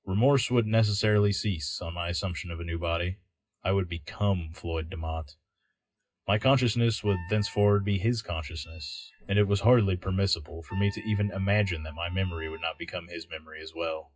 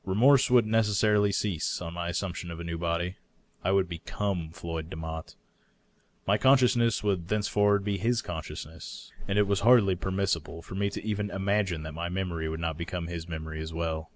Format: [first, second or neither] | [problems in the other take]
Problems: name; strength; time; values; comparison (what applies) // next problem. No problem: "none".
second | noise reduction (classical method WPE with log-MMSE)